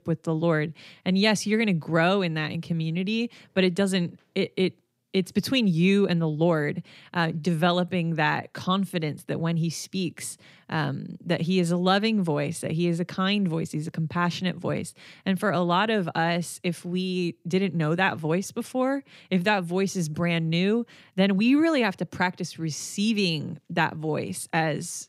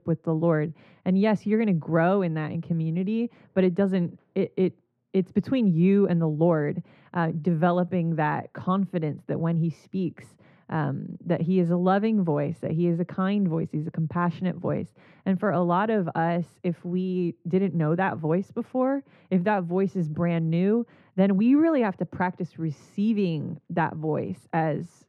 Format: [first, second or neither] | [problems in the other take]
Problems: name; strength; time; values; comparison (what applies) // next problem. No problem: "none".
first | muffled; very; fading above 2.5 kHz